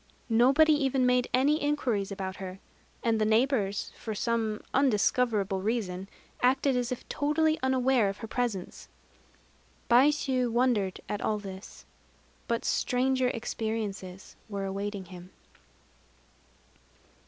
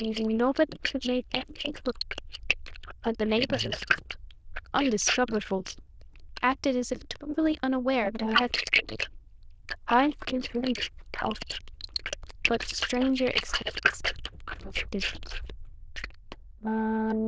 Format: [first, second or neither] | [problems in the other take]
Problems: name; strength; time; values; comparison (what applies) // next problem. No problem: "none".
first | noise reduction (neural diffusion model UNIVERSE++)